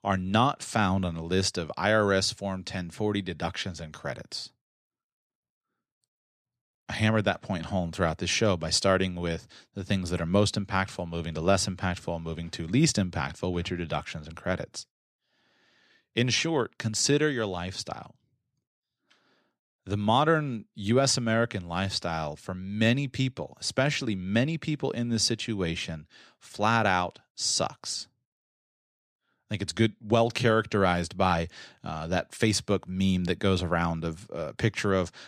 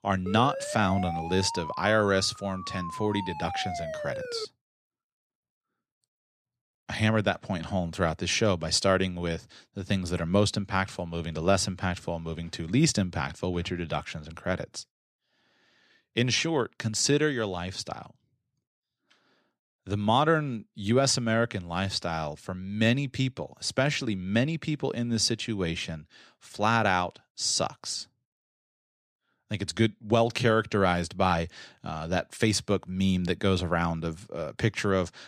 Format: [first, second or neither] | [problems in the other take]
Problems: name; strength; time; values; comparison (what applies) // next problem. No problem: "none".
first | siren; noticeable; until 4.5 s; peak 6 dB below the speech